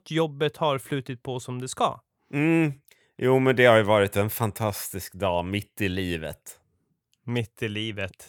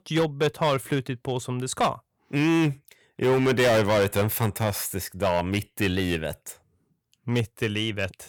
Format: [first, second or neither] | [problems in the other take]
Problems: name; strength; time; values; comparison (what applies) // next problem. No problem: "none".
first | distortion; heavy; 8% of the sound clipped